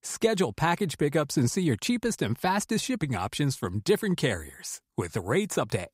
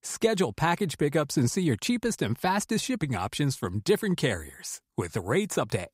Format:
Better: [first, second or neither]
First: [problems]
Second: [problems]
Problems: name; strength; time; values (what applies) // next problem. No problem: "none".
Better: neither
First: none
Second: none